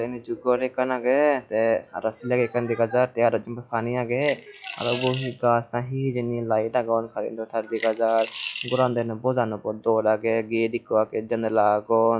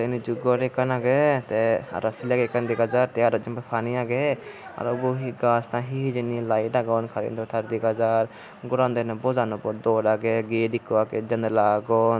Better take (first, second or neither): second